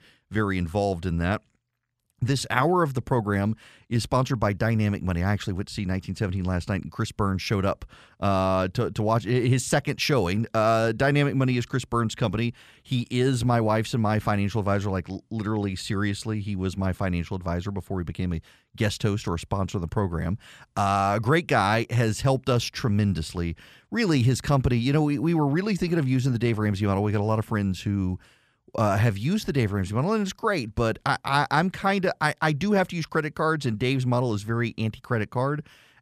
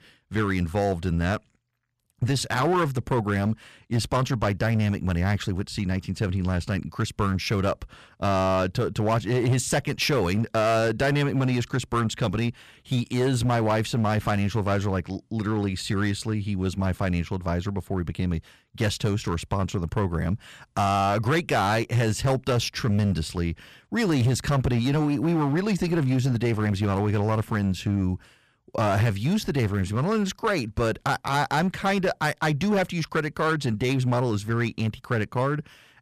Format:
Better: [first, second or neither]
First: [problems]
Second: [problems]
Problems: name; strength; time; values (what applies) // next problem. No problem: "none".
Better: first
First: none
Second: distortion; slight; 9% of the sound clipped